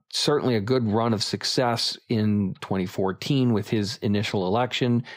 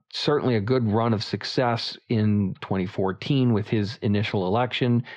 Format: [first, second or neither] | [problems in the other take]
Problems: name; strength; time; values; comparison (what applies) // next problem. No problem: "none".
first | muffled; very slightly; fading above 3 kHz